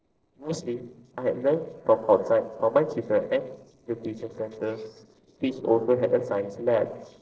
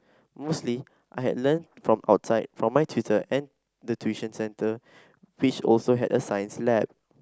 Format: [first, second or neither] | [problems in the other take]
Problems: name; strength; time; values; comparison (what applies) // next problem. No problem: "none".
second | noise reduction (neural separator model SepFormer DNS4)